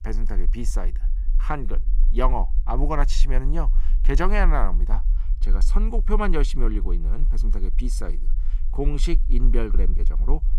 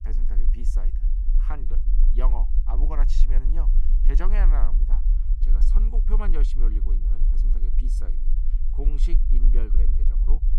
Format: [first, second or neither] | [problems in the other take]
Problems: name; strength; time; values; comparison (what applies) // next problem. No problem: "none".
first | low rumble; loud; throughout; 8 dB below the speech; faint in the first